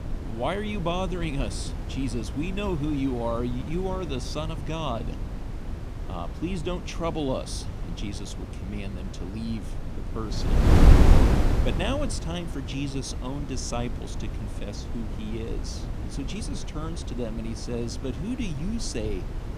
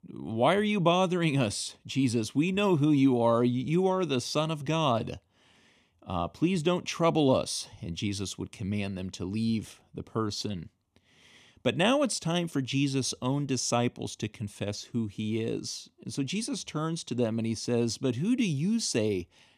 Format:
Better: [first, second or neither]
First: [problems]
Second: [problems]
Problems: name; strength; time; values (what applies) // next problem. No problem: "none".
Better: second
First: wind noise on the microphone; heavy; 3 dB below the speech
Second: none